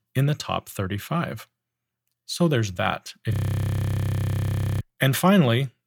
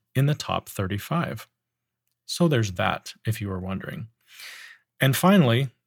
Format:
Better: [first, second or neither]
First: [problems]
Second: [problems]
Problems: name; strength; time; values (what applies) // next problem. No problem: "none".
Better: second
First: audio freezing; at 3.5 s for 1.5 s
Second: none